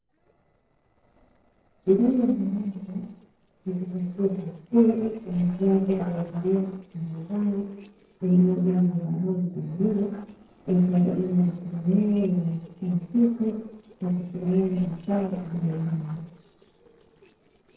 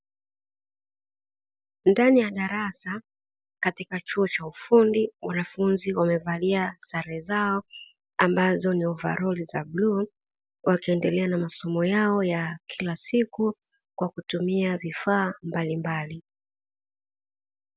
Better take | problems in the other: second | noise reduction (neural separator model SepFormer DNS4)

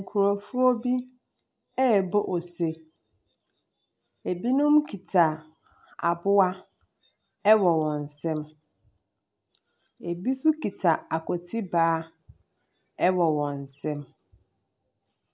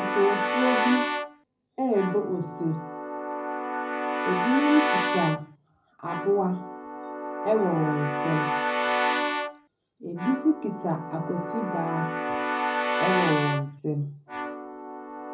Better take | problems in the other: first | background sound (Keyboard (musical) / Brass instrument); 1 dB below the speech // room echo; dies away in 0.4 s

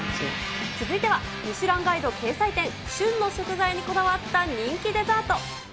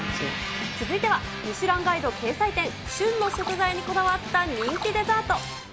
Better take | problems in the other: first | background sound (Splash, splatter); 12 dB below the speech

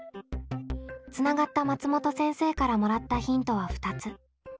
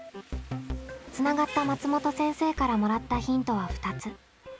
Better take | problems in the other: first | background sound (Rain); 19 dB below the speech

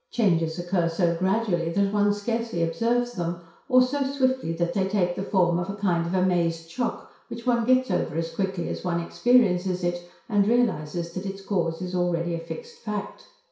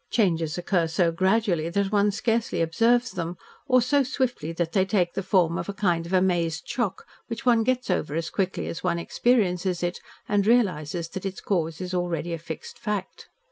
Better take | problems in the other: second | room echo; dies away in 0.6 s

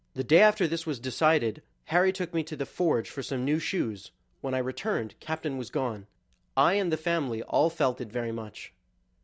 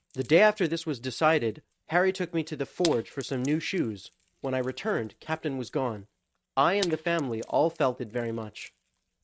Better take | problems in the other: first | noise reduction (neural mask model RNNoise)

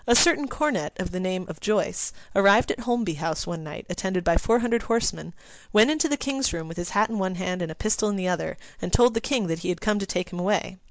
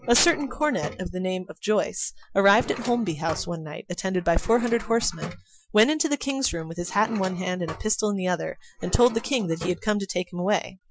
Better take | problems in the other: first | noise reduction (classical method Wiener filter)

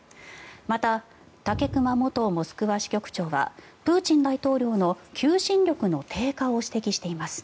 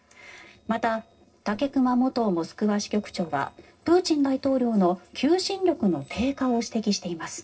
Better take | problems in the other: first | noise reduction (neural separator model SepFormer DNS4)

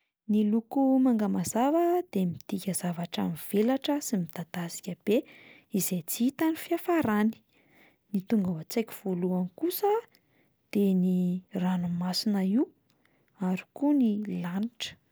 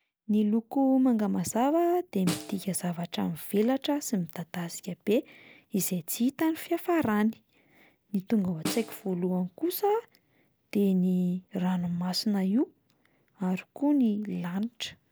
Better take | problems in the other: first | background sound (Snare drum); 13 dB below the speech

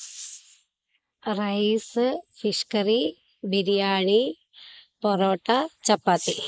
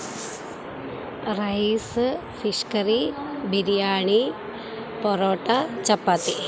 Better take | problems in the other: second | noise reduction (neural mask model Resemble Enhance denoiser)

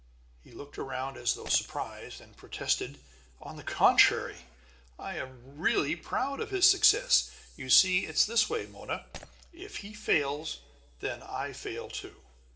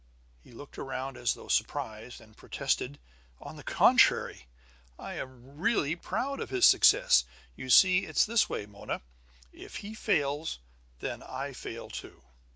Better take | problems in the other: second | background sound (Shatter); 20 dB below the speech // room echo; dies away in 0.8 s

